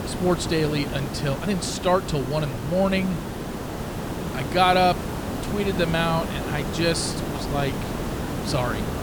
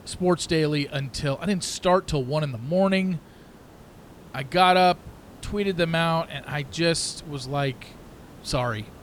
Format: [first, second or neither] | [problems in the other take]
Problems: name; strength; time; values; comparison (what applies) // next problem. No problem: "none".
second | hiss; loud; throughout; 5 dB below the speech; faint in the second